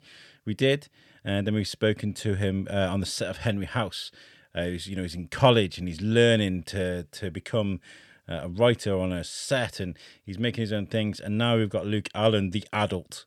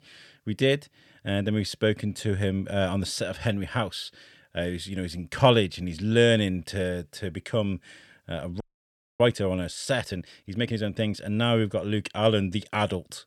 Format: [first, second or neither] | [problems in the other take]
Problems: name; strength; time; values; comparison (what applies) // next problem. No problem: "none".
first | audio freezing; at 8.5 s for 0.5 s